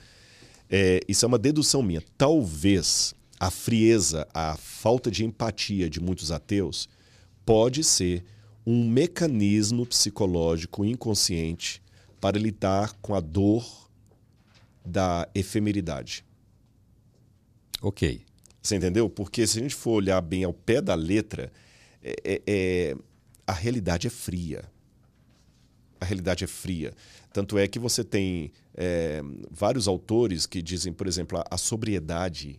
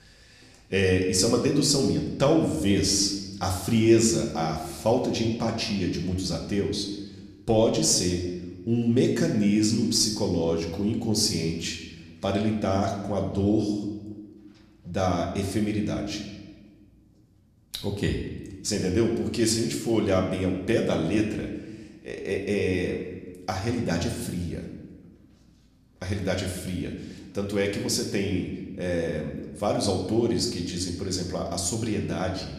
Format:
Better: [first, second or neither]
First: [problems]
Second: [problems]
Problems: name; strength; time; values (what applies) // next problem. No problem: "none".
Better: first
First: none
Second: room echo; slight; dies away in 1 s // off-mic speech; somewhat distant